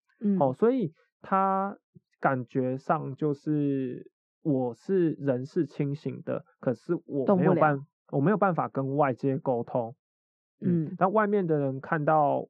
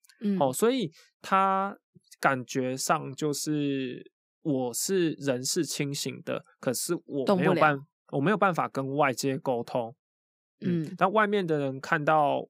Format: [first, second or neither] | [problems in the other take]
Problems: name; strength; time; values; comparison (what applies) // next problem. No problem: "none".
second | muffled; very; fading above 1 kHz